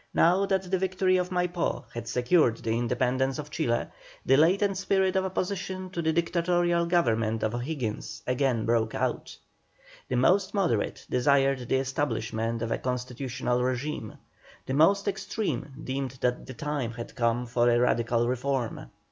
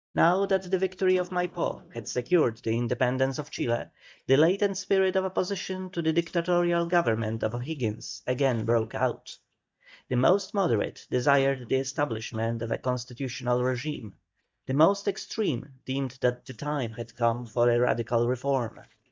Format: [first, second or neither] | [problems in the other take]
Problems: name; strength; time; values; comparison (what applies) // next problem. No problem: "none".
first | noise reduction (neural mask model DeepFilterNet 3)